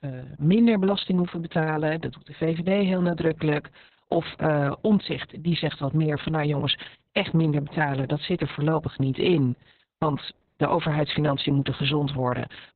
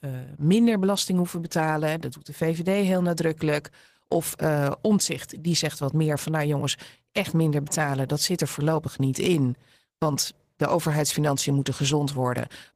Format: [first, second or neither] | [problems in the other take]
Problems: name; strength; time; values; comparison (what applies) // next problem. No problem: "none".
second | garbled, watery; badly; nothing above 4 kHz; slightly in the second